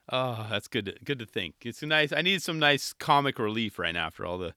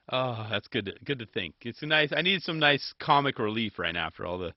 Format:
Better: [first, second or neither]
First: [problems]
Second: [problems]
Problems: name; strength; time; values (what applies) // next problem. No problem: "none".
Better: first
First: none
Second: garbled, watery; badly; nothing above 5.5 kHz